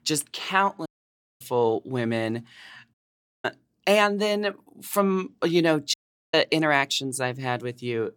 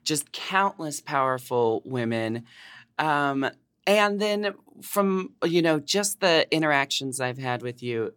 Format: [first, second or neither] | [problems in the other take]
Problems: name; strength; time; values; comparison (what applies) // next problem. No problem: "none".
second | audio cutting out; at 1 s for 0.5 s, at 3 s for 0.5 s and at 6 s